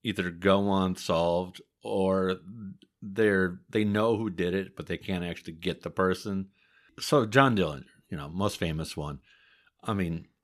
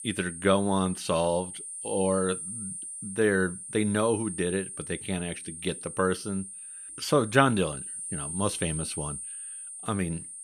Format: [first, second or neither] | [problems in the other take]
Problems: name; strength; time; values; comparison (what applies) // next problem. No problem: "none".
first | high-pitched whine; loud; throughout; 8.5 kHz, 8 dB below the speech